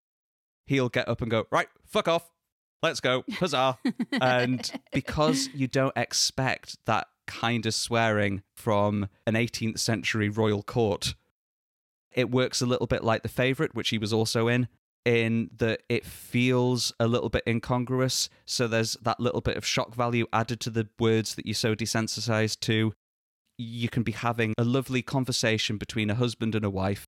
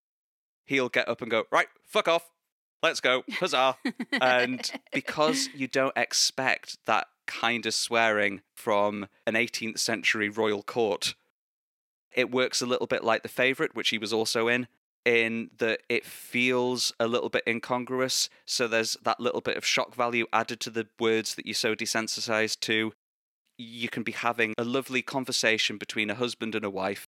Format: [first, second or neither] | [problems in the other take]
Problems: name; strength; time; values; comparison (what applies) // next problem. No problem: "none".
first | thin; somewhat; fading below 300 Hz